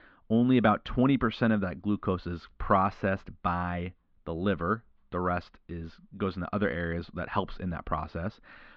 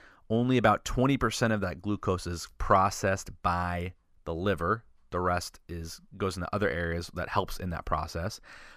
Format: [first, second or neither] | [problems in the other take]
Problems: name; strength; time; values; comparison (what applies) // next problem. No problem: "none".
second | muffled; slightly; fading above 3.5 kHz